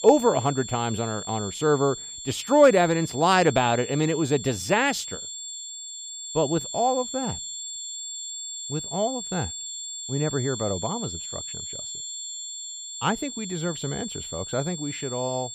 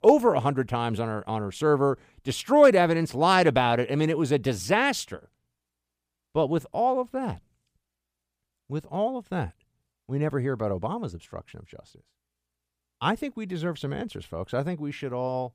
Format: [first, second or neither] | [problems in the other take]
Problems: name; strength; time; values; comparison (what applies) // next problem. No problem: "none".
second | high-pitched whine; loud; throughout; 7.5 kHz, 8 dB below the speech